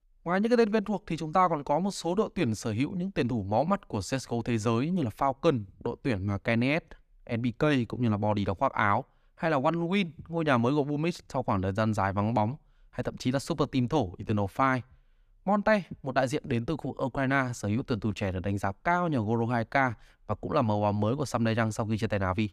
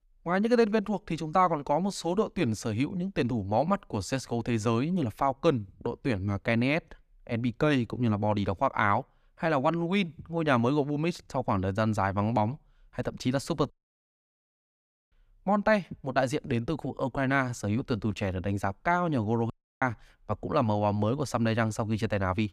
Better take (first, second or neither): first